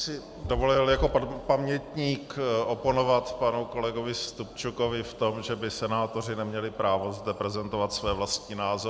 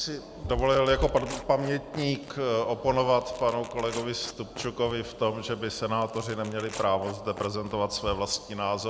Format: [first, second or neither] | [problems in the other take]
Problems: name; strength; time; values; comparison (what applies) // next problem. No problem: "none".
first | background sound (Tearing); 19 dB below the speech